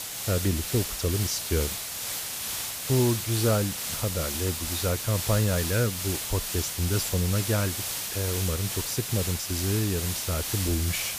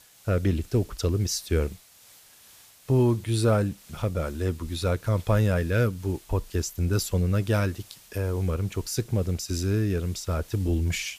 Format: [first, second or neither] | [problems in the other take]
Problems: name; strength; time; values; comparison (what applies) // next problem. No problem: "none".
second | hiss; loud; throughout; 2 dB below the speech; faint in the second